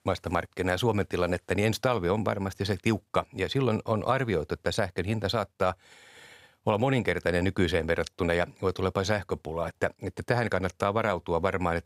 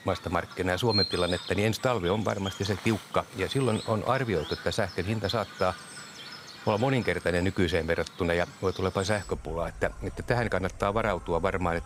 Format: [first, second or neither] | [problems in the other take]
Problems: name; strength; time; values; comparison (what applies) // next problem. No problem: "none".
first | animal sounds; noticeable; throughout; 10 dB below the speech